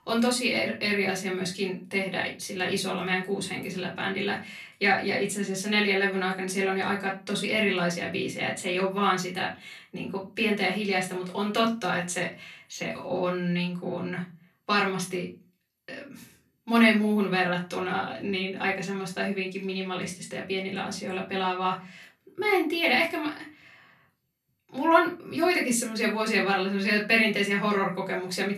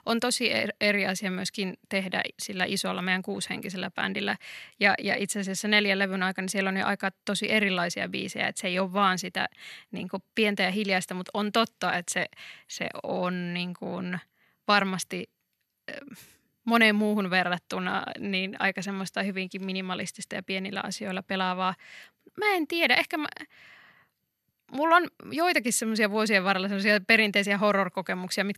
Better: second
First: off-mic speech; far // room echo; slight; dies away in 0.3 s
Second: none

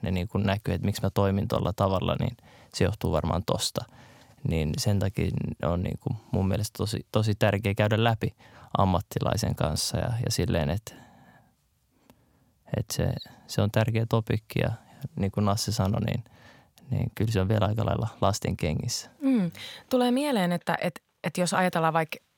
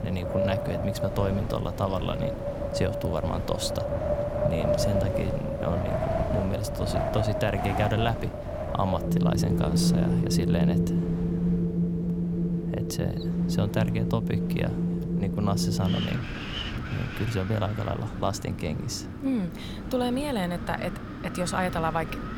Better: first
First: none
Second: wind in the background; very loud; throughout; 1 dB above the speech

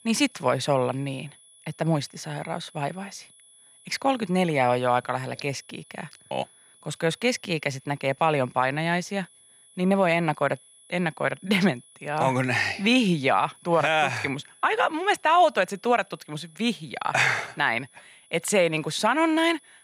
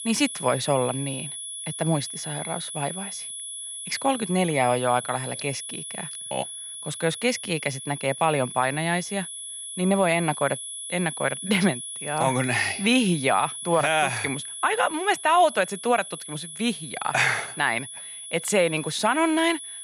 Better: first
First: high-pitched whine; faint; throughout; 10.5 kHz, 30 dB below the speech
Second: high-pitched whine; loud; throughout; 10.5 kHz, 9 dB below the speech

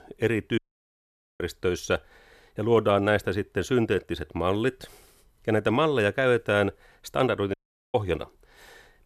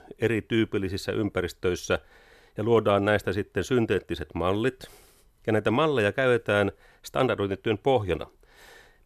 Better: second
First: audio cutting out; at 0.5 s for 1 s and at 7.5 s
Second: none

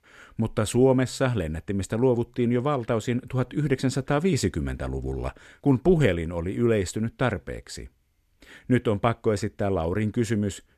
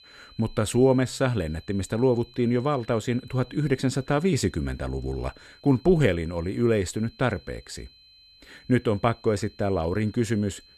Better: first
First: none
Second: high-pitched whine; faint; throughout; 4 kHz, 25 dB below the speech

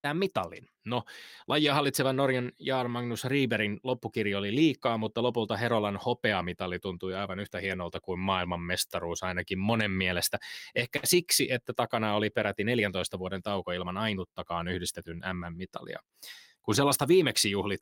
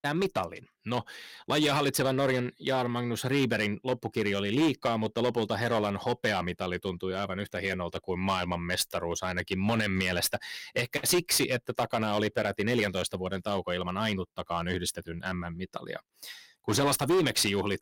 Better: first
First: none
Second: distortion; slight; 5% of the sound clipped

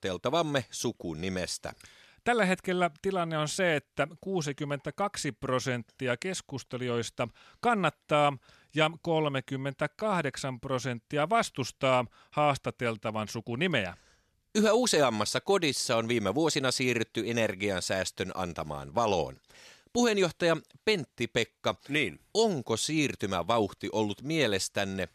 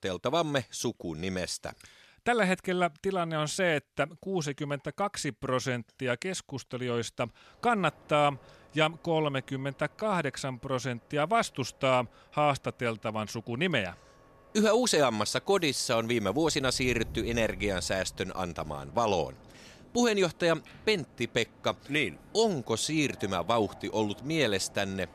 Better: first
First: none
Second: train or aircraft noise; faint; from 7.5 s on; 25 dB below the speech

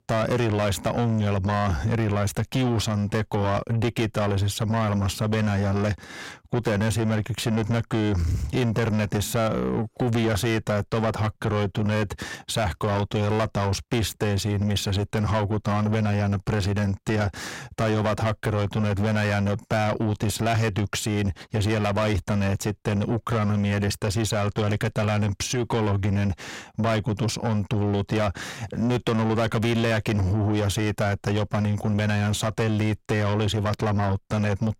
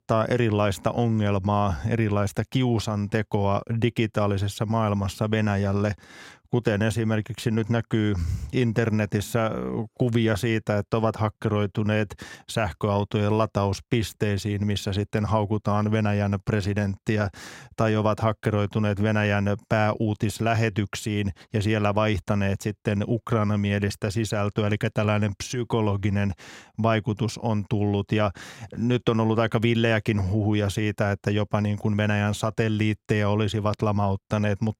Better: second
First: distortion; heavy; 6 dB below the speech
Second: none

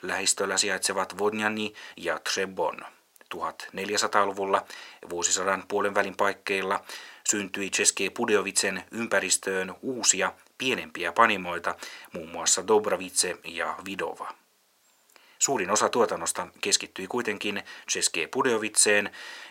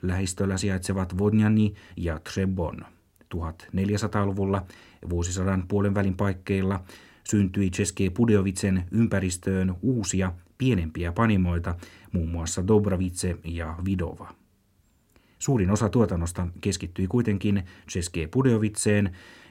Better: second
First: thin; very; fading below 700 Hz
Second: none

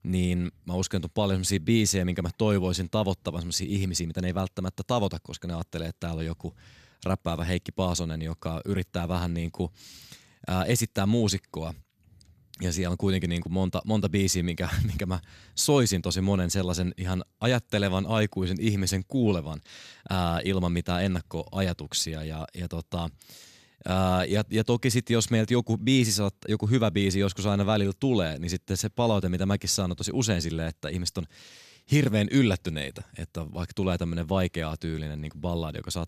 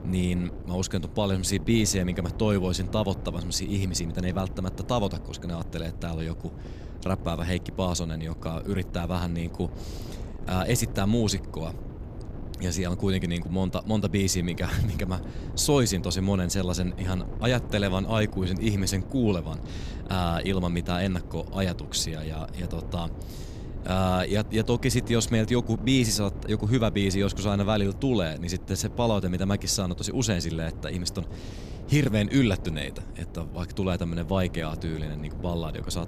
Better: first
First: none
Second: wind noise on the microphone; occasional gusts; 15 dB below the speech

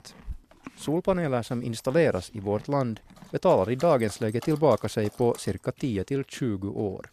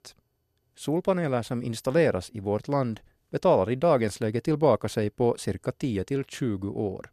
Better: second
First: animal sounds; faint; throughout; 20 dB below the speech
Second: none

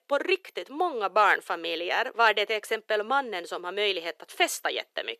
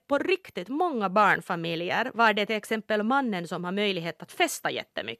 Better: second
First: thin; very; fading below 400 Hz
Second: none

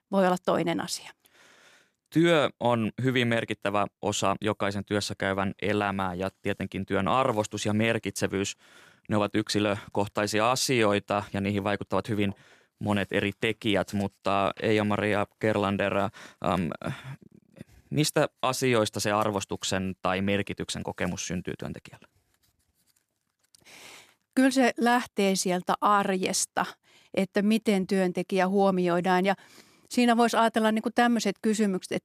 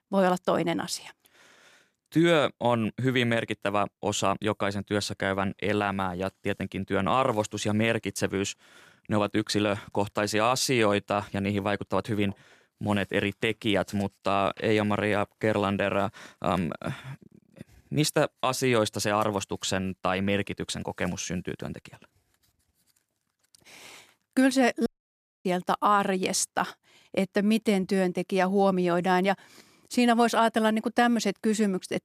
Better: first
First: none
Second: audio cutting out; at 25 s for 0.5 s

